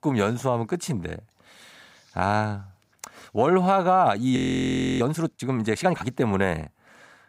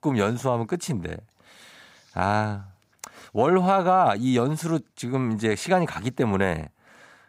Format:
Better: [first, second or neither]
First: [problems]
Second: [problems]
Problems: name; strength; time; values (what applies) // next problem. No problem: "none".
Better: second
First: audio freezing; at 4.5 s for 0.5 s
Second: none